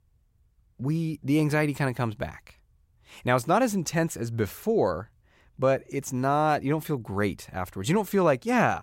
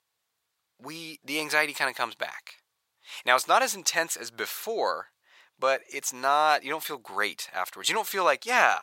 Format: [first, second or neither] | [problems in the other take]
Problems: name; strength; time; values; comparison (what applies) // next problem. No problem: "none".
first | thin; very; fading below 900 Hz